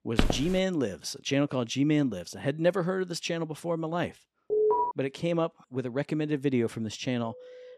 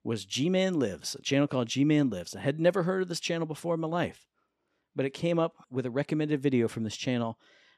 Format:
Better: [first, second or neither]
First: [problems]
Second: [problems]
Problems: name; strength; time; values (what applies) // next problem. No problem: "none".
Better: second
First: footsteps; loud; at the start; peak 1 dB above the speech // alarm; loud; at 4.5 s; peak 4 dB above the speech // phone ringing; faint; at 7 s; peak 20 dB below the speech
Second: none